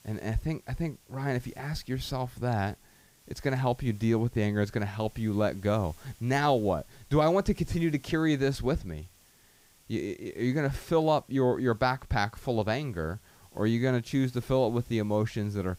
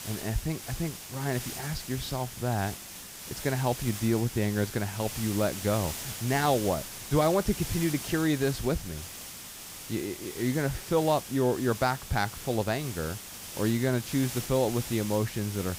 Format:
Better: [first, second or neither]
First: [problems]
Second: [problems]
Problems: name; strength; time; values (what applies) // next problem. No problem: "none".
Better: first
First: hiss; faint; throughout; 30 dB below the speech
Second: hiss; loud; throughout; 9 dB below the speech